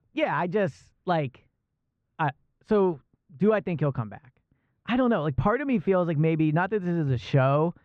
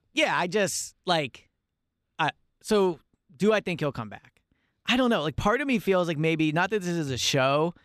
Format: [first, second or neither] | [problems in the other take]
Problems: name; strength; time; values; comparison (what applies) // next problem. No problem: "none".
second | muffled; very; fading above 1.5 kHz